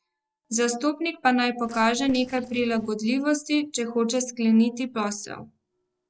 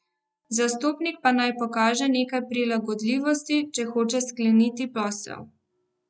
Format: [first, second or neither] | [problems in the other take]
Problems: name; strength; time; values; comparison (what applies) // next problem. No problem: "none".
second | noise reduction (neural separator model SepFormer DNS4)